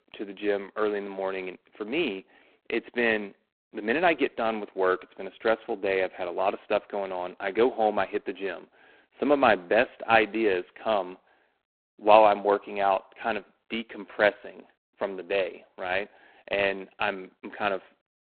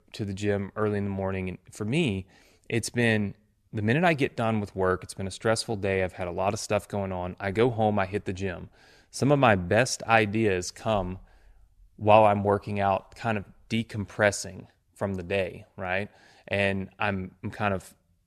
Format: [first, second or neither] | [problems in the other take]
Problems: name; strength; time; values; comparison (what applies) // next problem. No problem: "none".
second | phone-call audio; poor line; nothing above 4 kHz